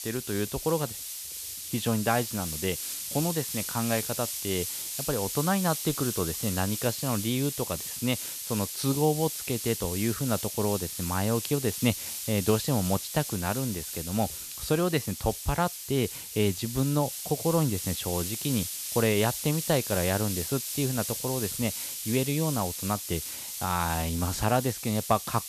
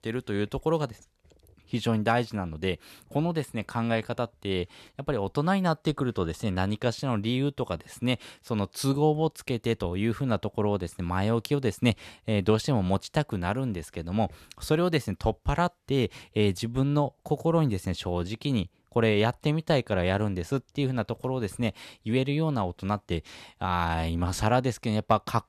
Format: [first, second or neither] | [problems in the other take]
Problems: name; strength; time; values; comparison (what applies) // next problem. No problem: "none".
second | hiss; loud; throughout; 4 dB below the speech